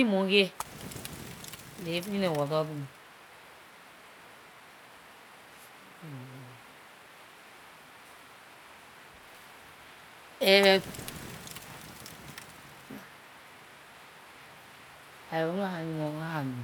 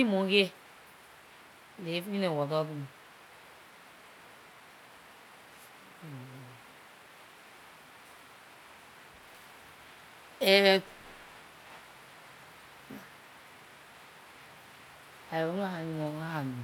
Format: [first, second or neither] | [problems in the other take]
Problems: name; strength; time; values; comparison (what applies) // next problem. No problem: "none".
second | background sound (Fire); 12 dB below the speech